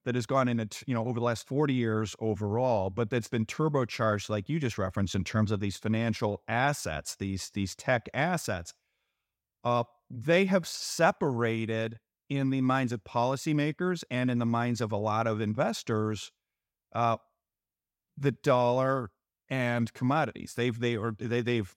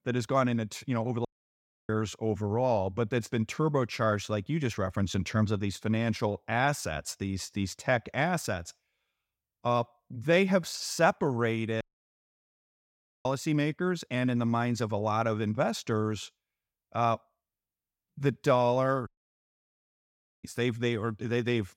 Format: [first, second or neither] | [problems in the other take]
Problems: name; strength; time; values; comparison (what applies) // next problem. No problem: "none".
first | audio cutting out; at 1.5 s for 0.5 s, at 12 s for 1.5 s and at 19 s for 1.5 s